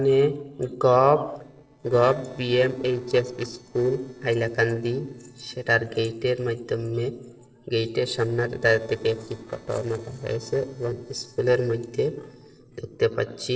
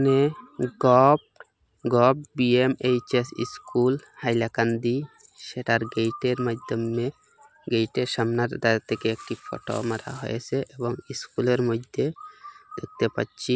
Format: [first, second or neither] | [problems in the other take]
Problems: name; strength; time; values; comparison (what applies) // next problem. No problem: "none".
second | noise reduction (neural separator model SepFormer DNS4)